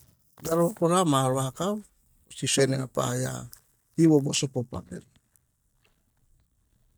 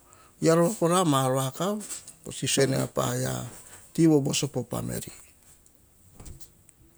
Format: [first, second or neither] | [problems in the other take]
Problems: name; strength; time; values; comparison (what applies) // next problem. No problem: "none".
second | noise reduction (neural mask model DeepFilterNet 3)